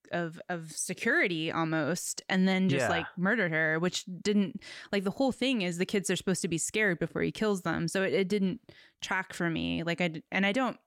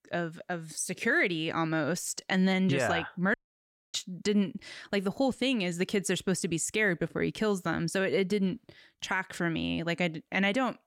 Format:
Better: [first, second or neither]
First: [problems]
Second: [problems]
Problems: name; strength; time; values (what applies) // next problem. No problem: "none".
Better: first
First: none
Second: audio cutting out; at 3.5 s for 0.5 s